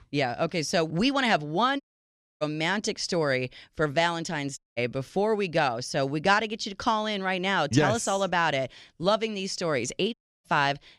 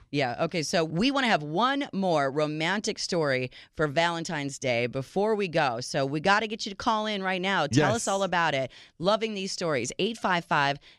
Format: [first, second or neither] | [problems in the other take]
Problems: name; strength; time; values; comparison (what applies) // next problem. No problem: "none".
second | audio cutting out; at 2 s for 0.5 s, at 4.5 s and at 10 s